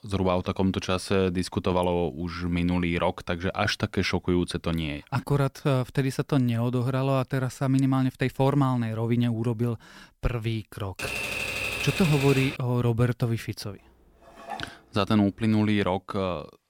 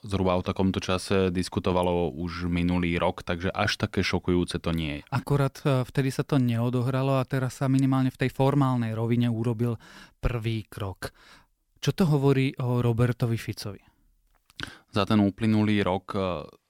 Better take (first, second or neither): second